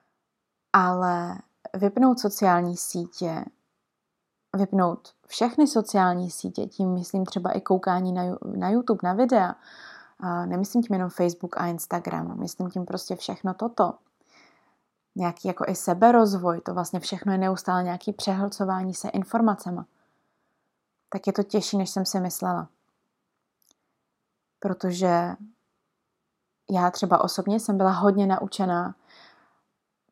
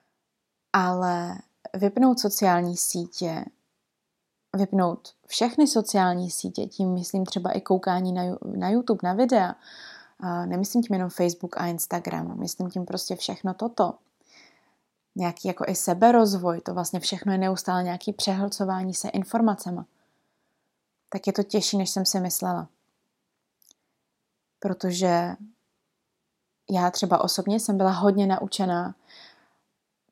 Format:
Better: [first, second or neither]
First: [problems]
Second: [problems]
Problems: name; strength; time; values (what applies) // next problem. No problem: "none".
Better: second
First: muffled; very slightly; fading above 2 kHz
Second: none